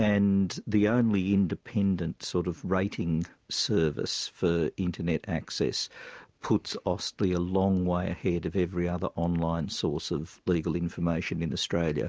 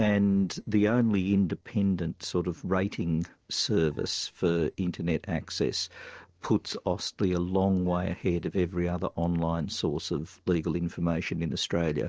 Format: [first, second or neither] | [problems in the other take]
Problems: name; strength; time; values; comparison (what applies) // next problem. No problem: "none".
first | noise reduction (neural separator model SepFormer DNS4)